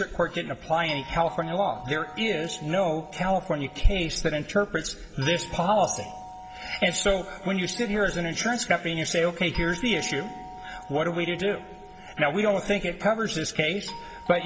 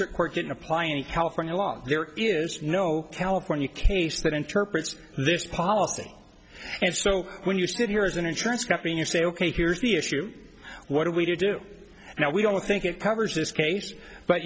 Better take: second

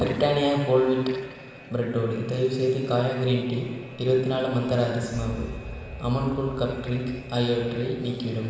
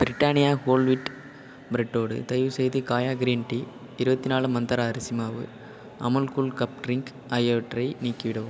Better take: second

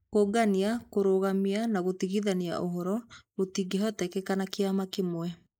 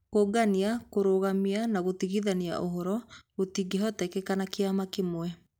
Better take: second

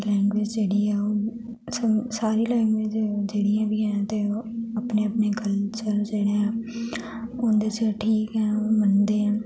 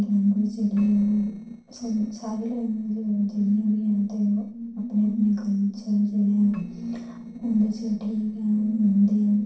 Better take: first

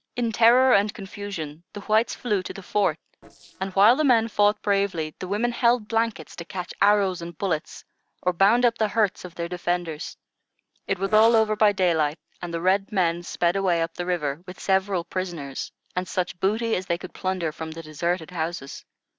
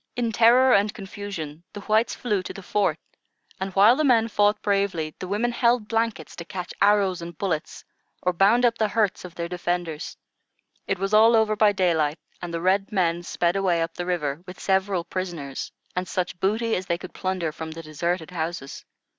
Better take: second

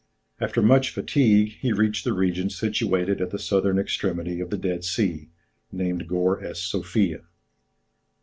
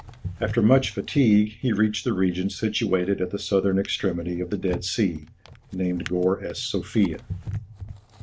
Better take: first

